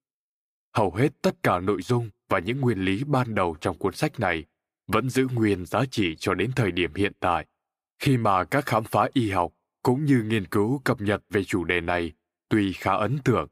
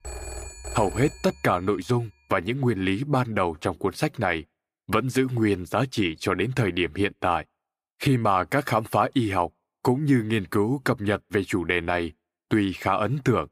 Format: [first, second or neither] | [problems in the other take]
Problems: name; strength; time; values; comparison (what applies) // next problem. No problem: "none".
first | phone ringing; faint; until 1.5 s; peak 10 dB below the speech